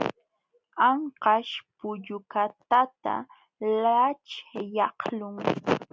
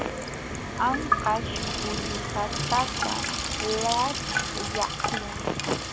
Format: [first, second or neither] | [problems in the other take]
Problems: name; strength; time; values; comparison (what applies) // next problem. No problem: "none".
first | background sound (Sink (filling or washing) / Water tap, faucet); 1 dB above the speech